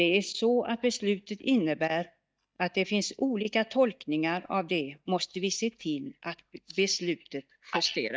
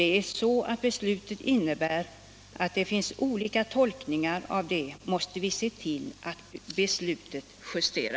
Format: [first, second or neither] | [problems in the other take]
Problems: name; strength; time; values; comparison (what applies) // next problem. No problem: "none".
second | noise reduction (neural mask model DeepFilterNet 3)